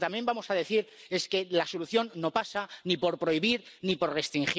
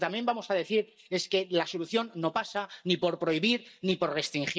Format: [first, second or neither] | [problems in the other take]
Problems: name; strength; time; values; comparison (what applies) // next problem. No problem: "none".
first | noise reduction (neural mask model DeepFilterNet 3)